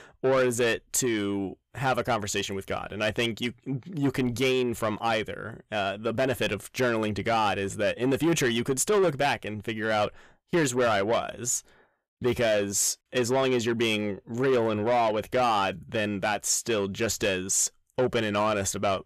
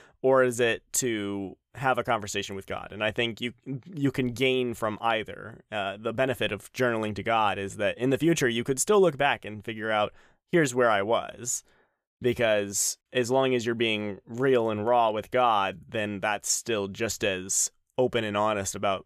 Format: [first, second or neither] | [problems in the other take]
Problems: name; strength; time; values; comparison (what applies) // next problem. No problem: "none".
second | distortion; slight; 10 dB below the speech